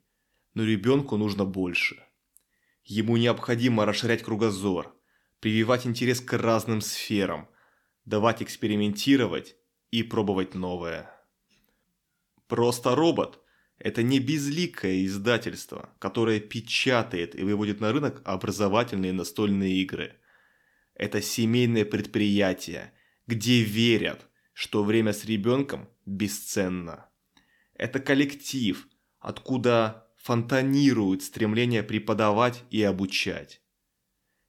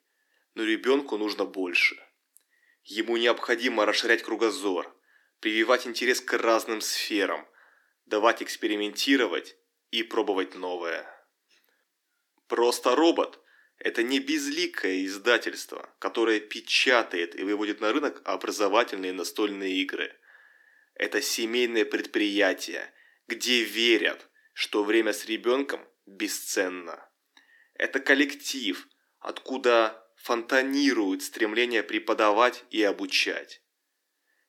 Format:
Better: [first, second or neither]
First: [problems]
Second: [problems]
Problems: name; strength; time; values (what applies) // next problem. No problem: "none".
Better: first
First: none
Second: thin; somewhat; fading below 300 Hz